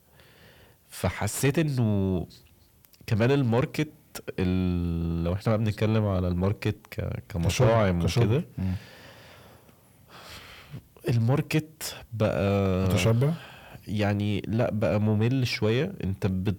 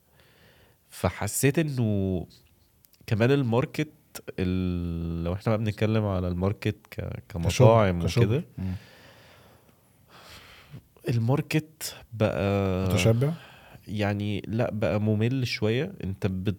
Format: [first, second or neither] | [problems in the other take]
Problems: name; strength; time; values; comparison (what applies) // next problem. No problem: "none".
second | distortion; slight; 10 dB below the speech